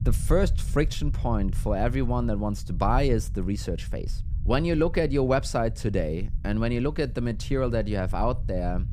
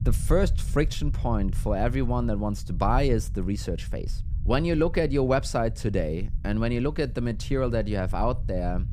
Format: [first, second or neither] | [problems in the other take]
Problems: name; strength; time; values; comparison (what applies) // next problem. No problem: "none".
neither | low rumble; faint; throughout; 20 dB below the speech; the same in both